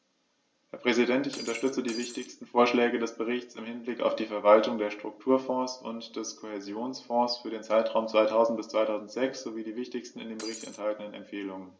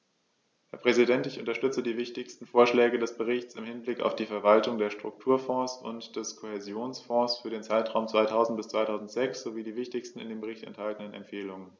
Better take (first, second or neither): second